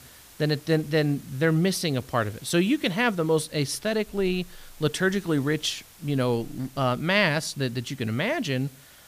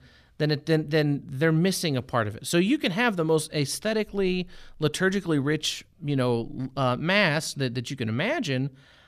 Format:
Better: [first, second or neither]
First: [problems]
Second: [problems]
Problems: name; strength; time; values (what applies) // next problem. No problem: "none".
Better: second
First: hiss; faint; throughout; 25 dB below the speech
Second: none